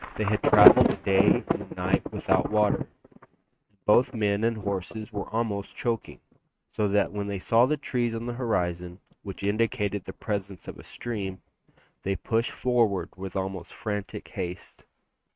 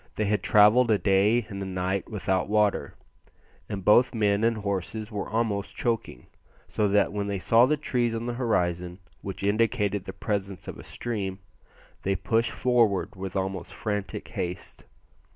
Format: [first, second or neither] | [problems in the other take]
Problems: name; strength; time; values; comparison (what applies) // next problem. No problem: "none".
second | noise reduction (neural mask model RNNoise)